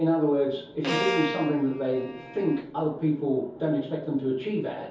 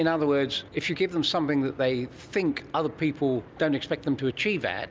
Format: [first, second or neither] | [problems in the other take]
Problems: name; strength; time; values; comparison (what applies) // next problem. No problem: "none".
second | background sound (Bowed string instrument); 6 dB below the speech // room echo; dies away in 0.6 s